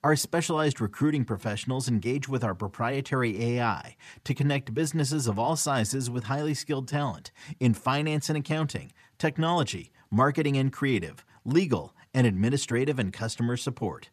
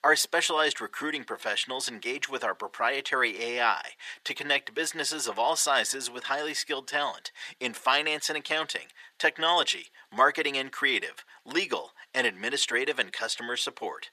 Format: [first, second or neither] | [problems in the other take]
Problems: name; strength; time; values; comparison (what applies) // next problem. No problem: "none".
first | thin; very; fading below 450 Hz